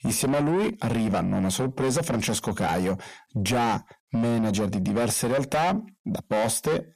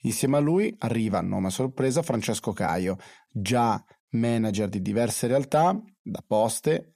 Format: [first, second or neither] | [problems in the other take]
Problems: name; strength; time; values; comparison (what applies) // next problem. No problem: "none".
second | distortion; heavy; 8 dB below the speech